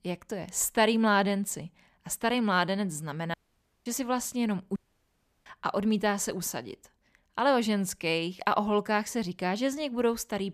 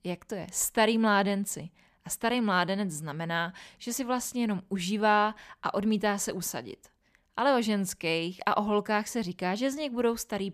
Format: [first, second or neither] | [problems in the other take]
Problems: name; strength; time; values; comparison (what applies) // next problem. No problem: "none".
second | audio cutting out; at 3.5 s for 0.5 s and at 5 s for 0.5 s